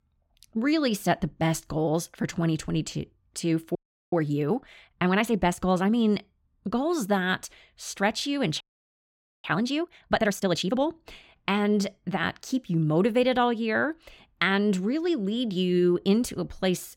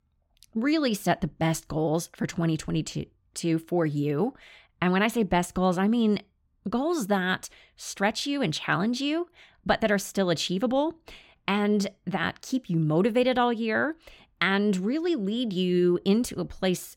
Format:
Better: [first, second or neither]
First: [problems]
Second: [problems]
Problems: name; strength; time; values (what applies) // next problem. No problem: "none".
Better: second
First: audio freezing; at 4 s and at 8.5 s for 1 s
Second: none